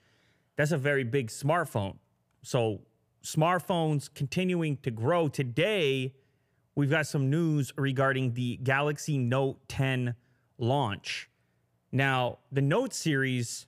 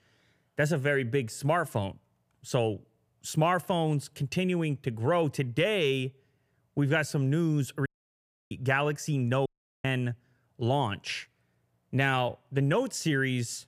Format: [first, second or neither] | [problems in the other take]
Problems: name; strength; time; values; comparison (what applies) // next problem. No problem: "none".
first | audio cutting out; at 8 s for 0.5 s and at 9.5 s